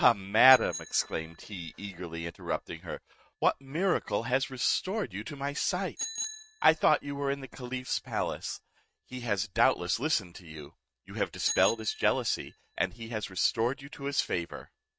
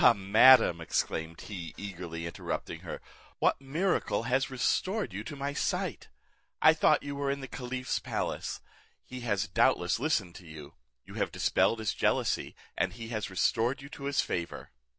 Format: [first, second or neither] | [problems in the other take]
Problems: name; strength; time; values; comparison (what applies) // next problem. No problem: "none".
second | noise reduction (neural mask model RNNoise)